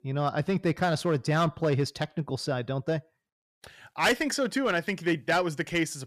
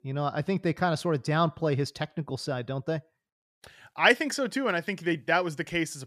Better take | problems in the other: second | distortion; slight; 4% of the sound clipped

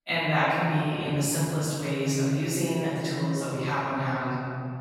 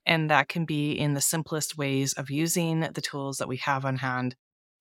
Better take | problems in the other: second | off-mic speech; far // room echo; strong; dies away in 2.7 s

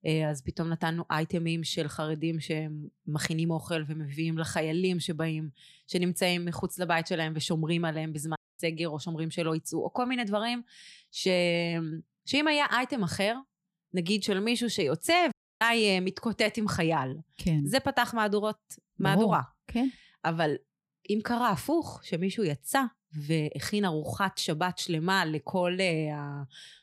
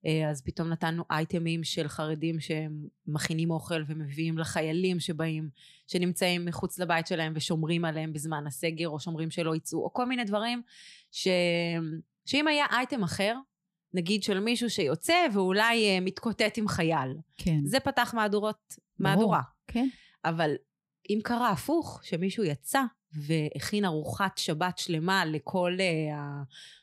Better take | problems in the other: second | audio cutting out; at 8.5 s and at 15 s

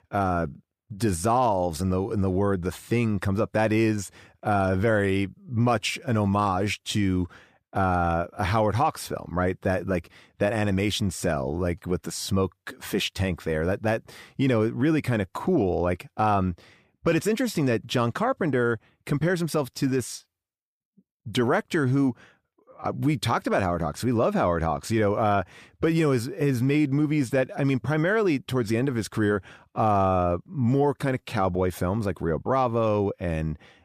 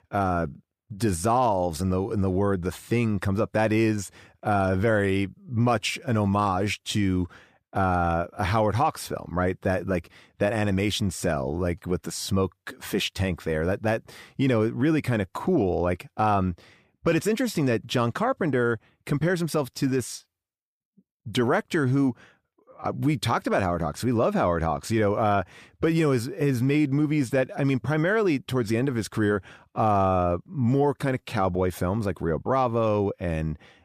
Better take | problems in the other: neither | none

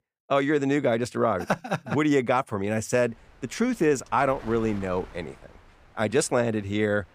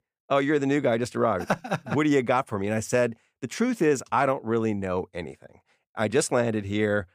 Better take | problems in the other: second | wind noise on the microphone; occasional gusts; from 3 s on; 25 dB below the speech

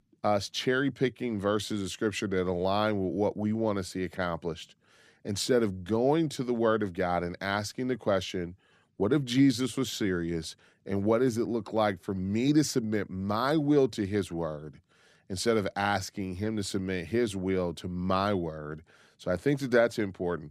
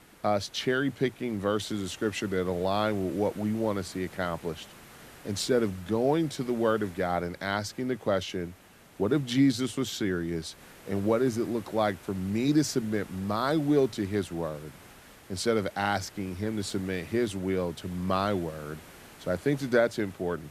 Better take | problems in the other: first | hiss; faint; throughout; 20 dB below the speech

